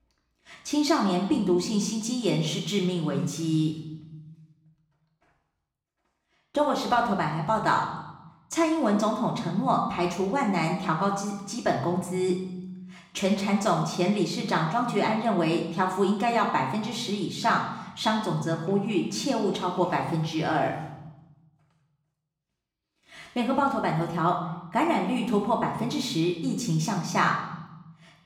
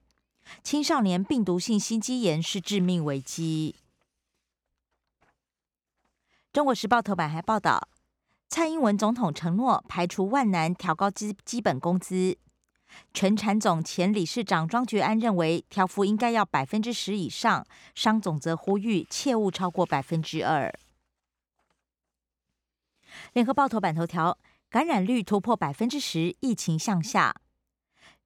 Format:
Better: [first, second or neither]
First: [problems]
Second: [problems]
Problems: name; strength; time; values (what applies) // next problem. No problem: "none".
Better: second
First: room echo; slight; dies away in 1 s // off-mic speech; somewhat distant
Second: none